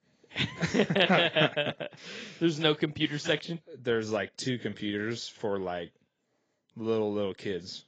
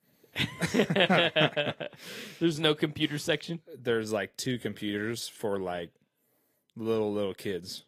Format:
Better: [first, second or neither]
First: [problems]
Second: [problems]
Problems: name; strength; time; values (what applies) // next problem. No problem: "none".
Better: second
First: garbled, watery; badly; nothing above 7.5 kHz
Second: garbled, watery; slightly; nothing above 14.5 kHz